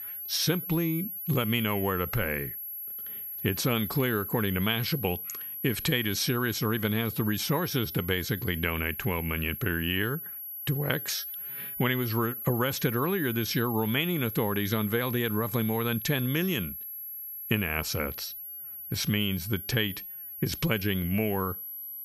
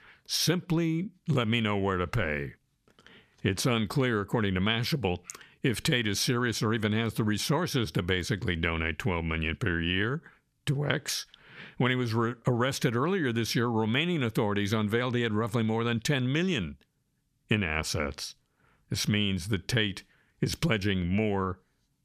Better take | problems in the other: second | high-pitched whine; loud; throughout; 11.5 kHz, 7 dB below the speech

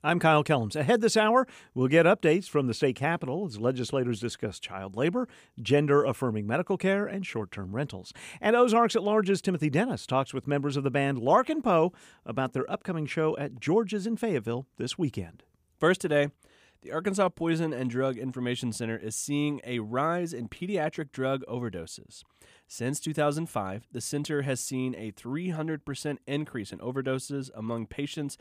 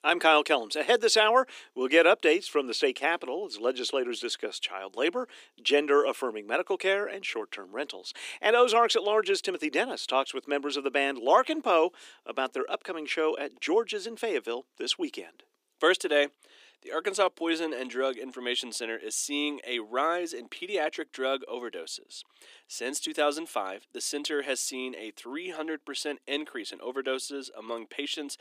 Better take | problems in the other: first | thin; somewhat; fading below 300 Hz

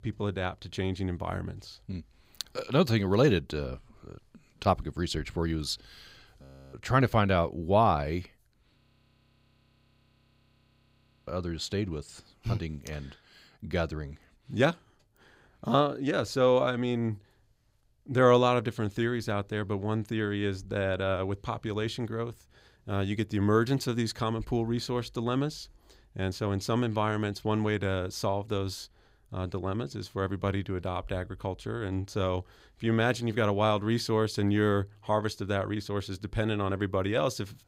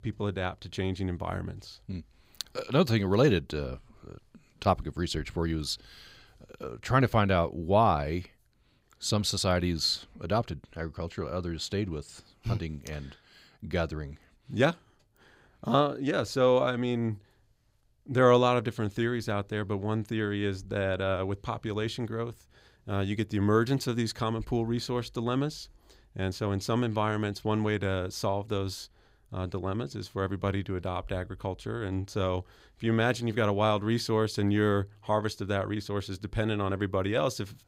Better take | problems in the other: second | audio freezing; at 6.5 s and at 9 s for 2.5 s

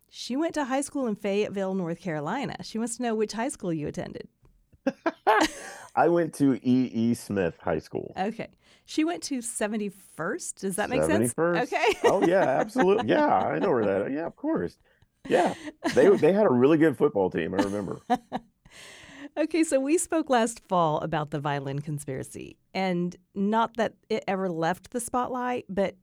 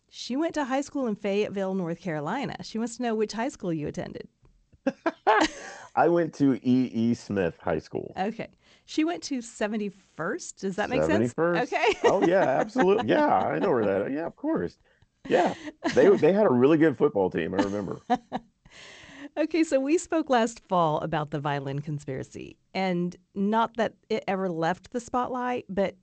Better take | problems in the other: first | garbled, watery; slightly; nothing above 8 kHz

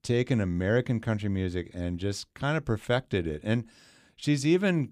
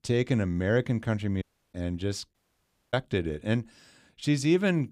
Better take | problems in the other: first | audio cutting out; at 1.5 s and at 2.5 s for 0.5 s

